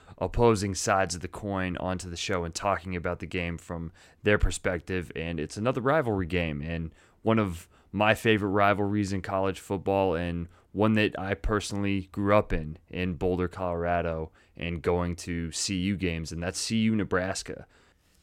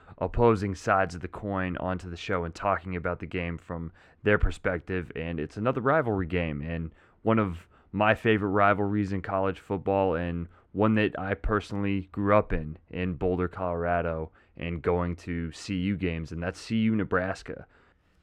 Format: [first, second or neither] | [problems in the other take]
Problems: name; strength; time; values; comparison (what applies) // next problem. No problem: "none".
first | muffled; slightly; fading above 4 kHz